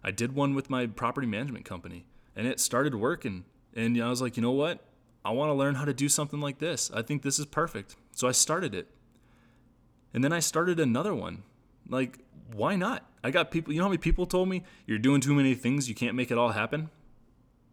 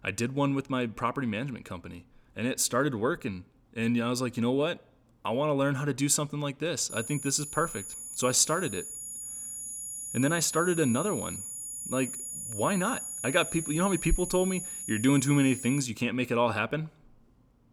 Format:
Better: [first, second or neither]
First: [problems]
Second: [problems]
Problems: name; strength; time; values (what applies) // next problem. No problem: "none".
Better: first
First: none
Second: high-pitched whine; loud; from 7 to 16 s; 10 kHz, 7 dB below the speech